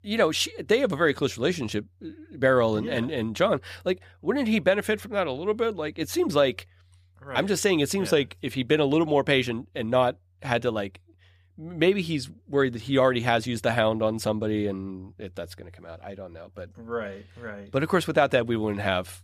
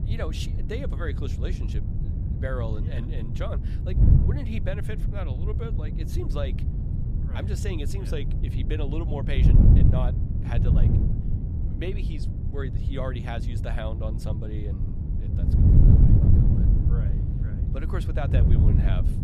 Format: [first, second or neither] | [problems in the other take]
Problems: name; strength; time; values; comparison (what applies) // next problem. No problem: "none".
first | wind noise on the microphone; heavy; as loud as the speech